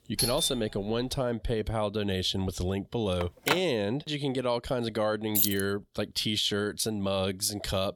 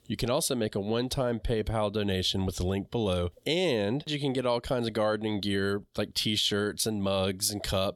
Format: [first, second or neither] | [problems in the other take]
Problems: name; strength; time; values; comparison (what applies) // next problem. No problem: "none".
second | doorbell; loud; at the start; peak 2 dB above the speech // phone ringing; noticeable; at 3 s; peak 1 dB below the speech // jangling keys; loud; at 5.5 s; peak 4 dB above the speech